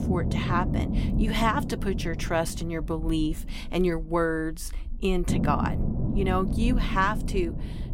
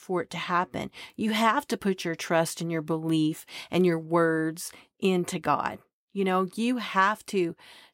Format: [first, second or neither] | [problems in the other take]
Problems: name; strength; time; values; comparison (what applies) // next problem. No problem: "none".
second | low rumble; loud; throughout; 9 dB below the speech